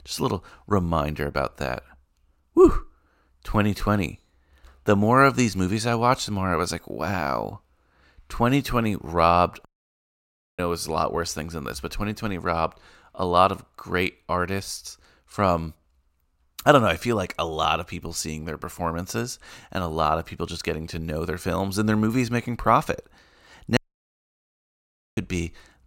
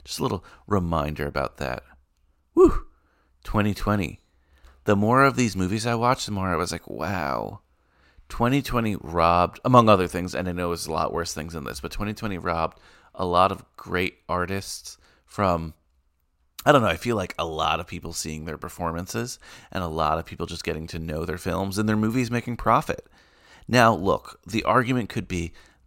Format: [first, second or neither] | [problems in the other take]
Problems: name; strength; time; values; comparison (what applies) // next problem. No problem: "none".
second | audio cutting out; at 9.5 s for 1 s and at 24 s for 1.5 s